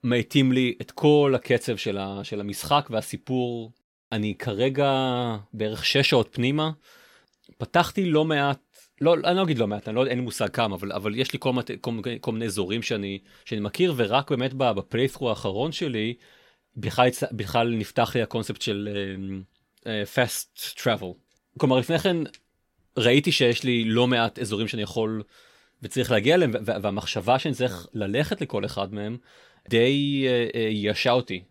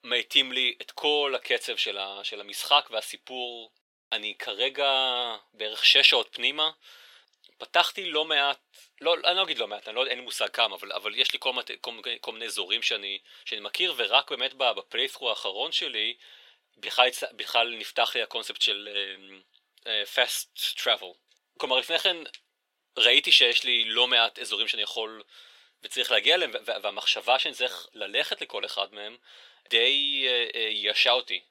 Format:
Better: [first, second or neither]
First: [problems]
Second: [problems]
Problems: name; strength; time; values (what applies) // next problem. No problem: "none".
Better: first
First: none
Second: thin; very; fading below 550 Hz